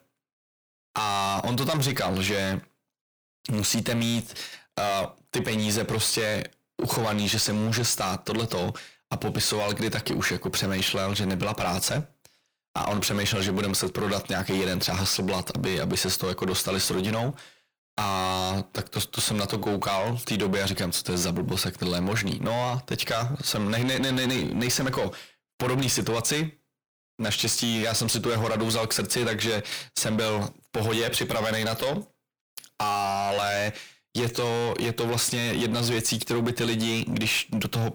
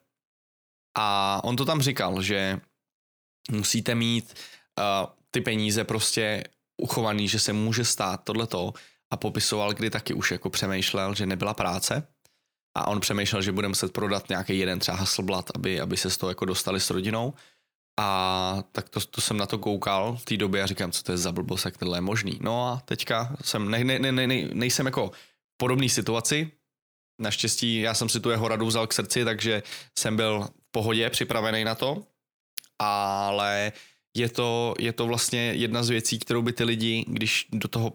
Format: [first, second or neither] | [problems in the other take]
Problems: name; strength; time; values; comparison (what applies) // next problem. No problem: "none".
second | distortion; heavy; 7 dB below the speech